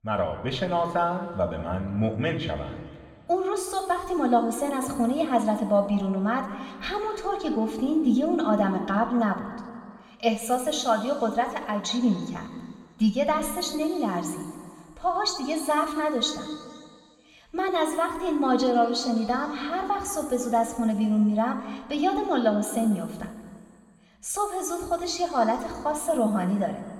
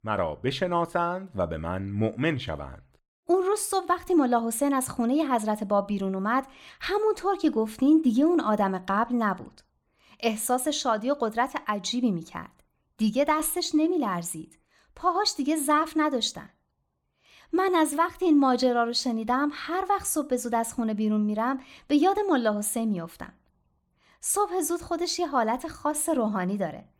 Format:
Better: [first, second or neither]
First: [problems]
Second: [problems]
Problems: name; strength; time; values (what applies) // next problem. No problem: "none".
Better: second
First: room echo; noticeable; dies away in 2 s // off-mic speech; somewhat distant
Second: none